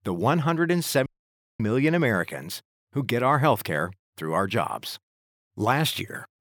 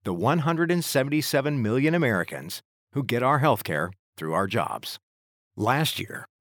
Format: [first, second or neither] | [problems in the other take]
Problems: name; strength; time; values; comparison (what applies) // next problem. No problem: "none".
second | audio cutting out; at 1 s for 0.5 s